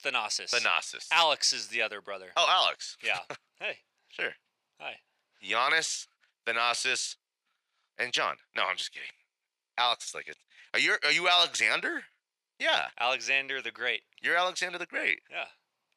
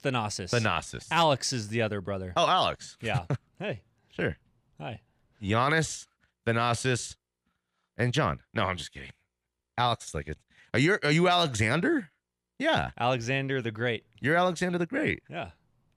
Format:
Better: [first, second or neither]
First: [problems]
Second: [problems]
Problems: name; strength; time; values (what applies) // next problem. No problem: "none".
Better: second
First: thin; very; fading below 650 Hz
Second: none